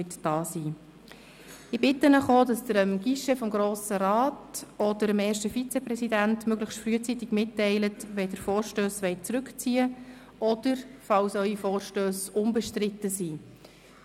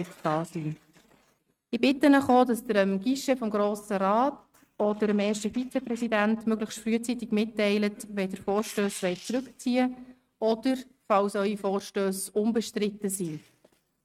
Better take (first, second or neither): first